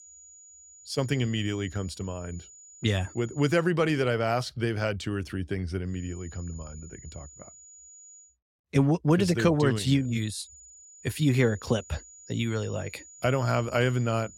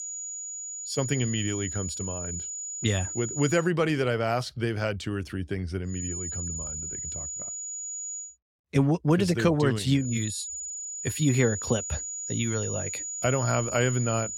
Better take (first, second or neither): first